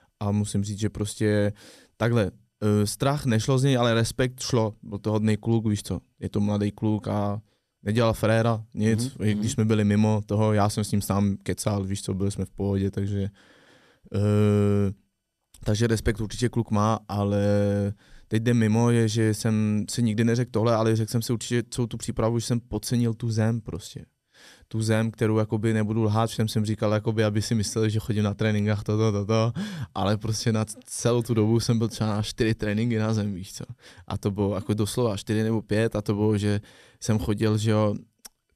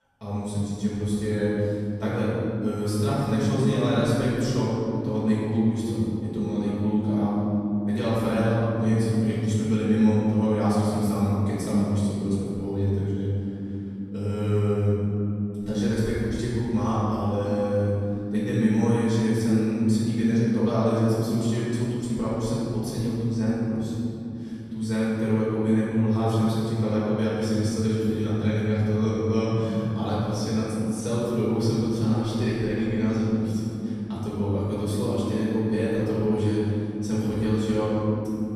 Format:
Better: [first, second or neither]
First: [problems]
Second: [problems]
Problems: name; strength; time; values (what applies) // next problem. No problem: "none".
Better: first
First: none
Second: room echo; strong; dies away in 3 s // off-mic speech; far